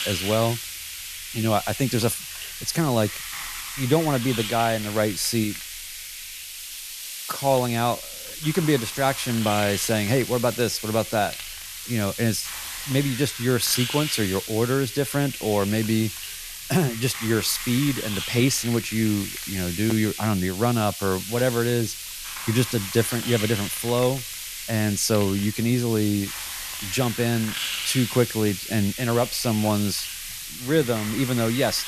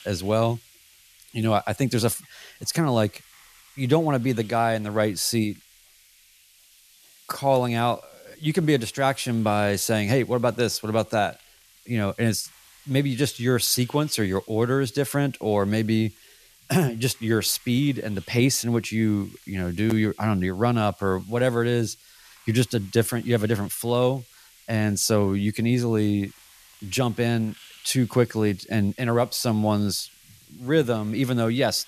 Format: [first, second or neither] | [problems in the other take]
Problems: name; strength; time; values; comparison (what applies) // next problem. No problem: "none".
second | hiss; loud; throughout; 7 dB below the speech; faint in the second